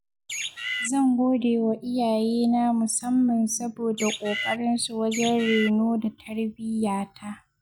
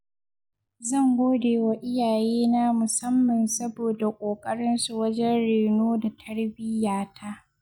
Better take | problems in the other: second | background sound (Bird); 6 dB below the speech

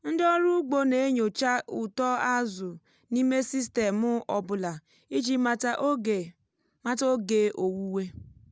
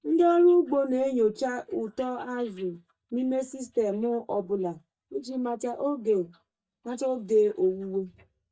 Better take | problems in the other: first | noise reduction (neural mask model DeepFilterNet 3)

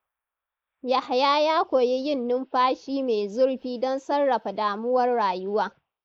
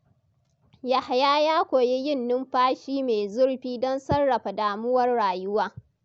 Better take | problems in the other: second | noise reduction (neural mask model Resemble Enhance denoiser)

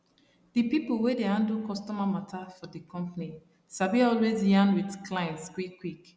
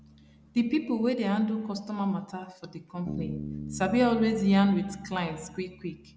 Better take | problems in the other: first | background sound (Bass guitar); 14 dB below the speech

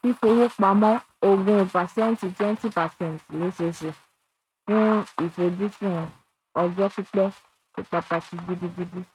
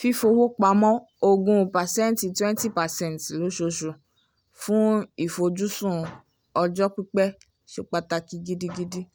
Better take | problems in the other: second | noise reduction (neural mask model RNNoise)

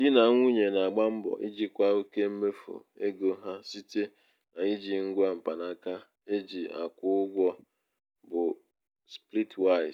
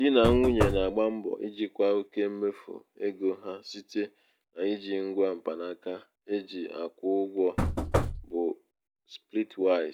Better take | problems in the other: first | background sound (Knock / Wood); as loud as the speech

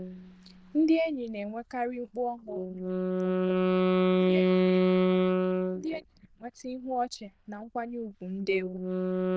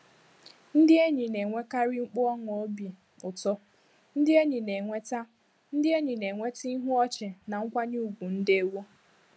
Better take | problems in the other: second | noise reduction (neural diffusion model UNIVERSE++)

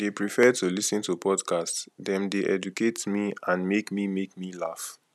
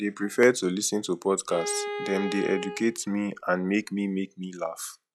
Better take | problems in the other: first | noise reduction (classical method log-MMSE)

